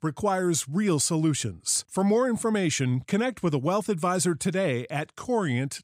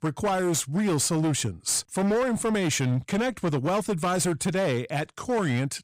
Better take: first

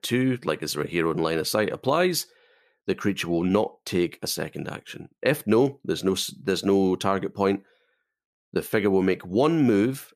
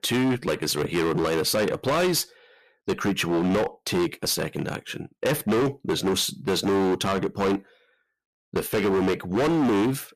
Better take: first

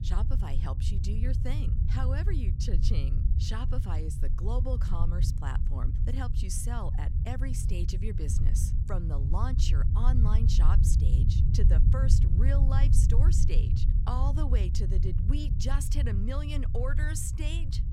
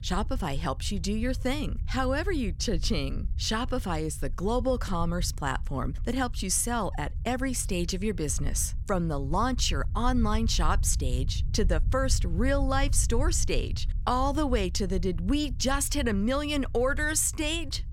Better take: second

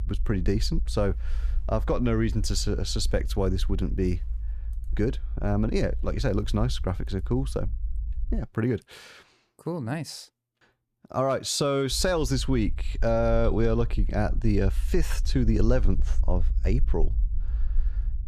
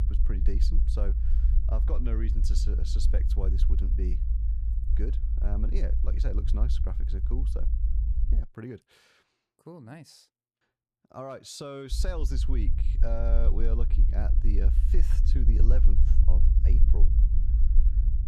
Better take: first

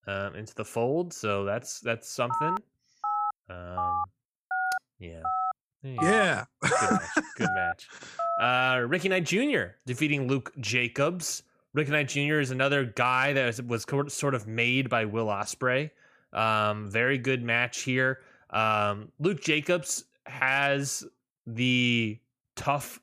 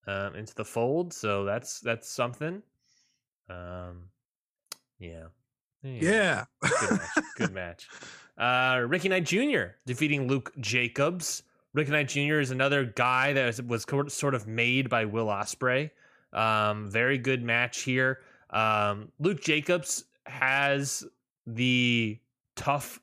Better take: second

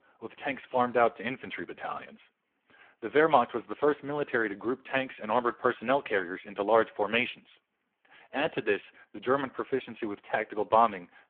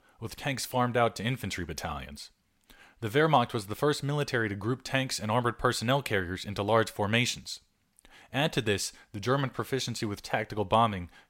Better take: second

